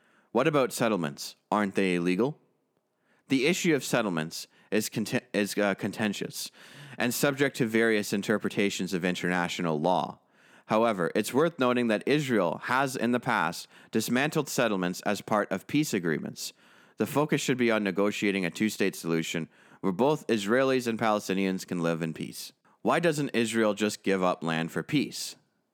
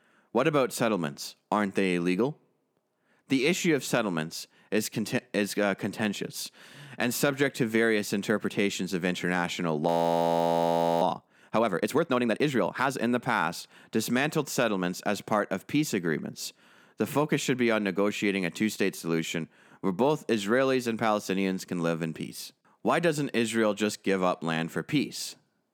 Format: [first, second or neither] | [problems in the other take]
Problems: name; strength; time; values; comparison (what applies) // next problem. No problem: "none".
first | audio freezing; at 10 s for 1 s